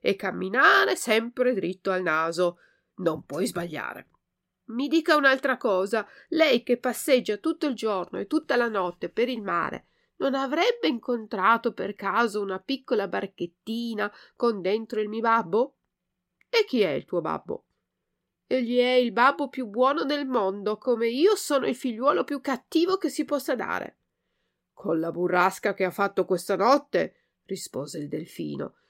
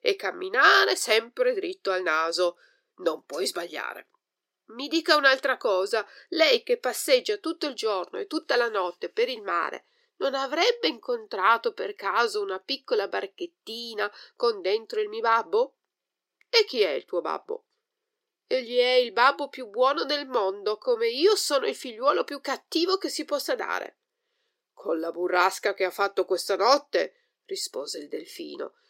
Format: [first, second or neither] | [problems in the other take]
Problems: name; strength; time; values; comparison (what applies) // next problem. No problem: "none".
first | thin; somewhat; fading below 400 Hz